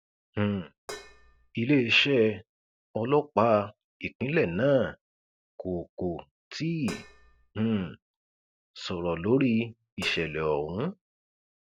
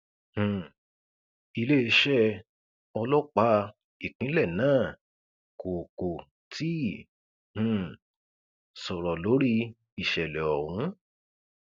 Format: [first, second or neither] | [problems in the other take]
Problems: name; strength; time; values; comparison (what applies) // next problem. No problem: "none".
second | background sound (Dishes, pots, and pans); 16 dB below the speech